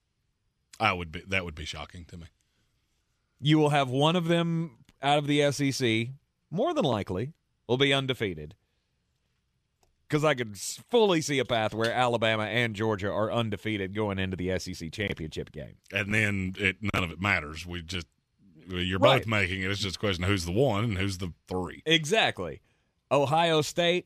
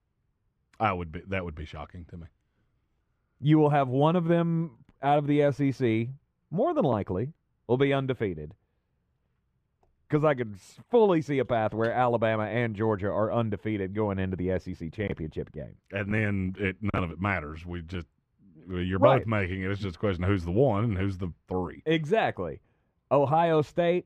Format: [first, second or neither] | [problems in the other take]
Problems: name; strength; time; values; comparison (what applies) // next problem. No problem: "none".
first | muffled; very; fading above 2.5 kHz